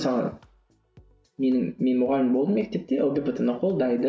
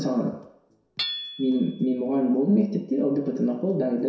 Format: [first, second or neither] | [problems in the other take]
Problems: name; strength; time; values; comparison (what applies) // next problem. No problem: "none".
first | background sound (Hammer / Chink, clink); 14 dB below the speech // room echo; dies away in 0.7 s